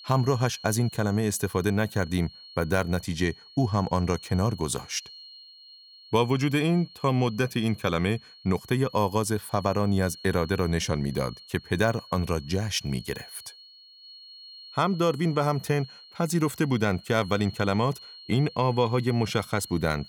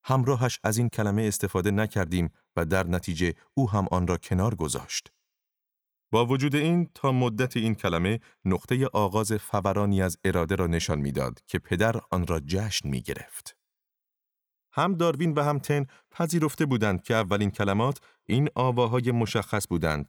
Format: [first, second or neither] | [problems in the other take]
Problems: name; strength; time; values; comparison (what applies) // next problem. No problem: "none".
second | high-pitched whine; noticeable; throughout; 4 kHz, 20 dB below the speech